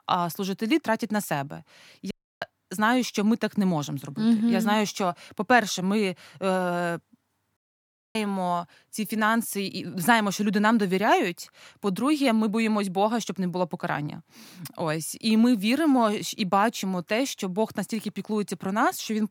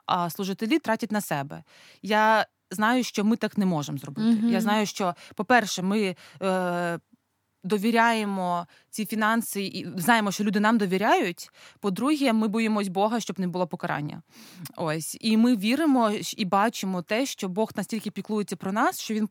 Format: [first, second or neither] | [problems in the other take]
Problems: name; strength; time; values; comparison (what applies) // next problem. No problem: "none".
second | audio cutting out; at 2 s and at 7.5 s for 0.5 s